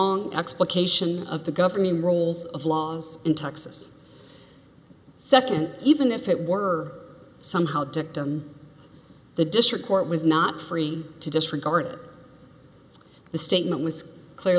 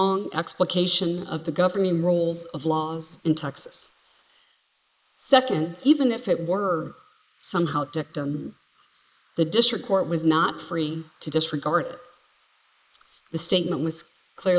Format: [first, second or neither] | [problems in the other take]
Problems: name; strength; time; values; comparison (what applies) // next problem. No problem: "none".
first | noise reduction (neural mask model Resemble Enhance denoiser)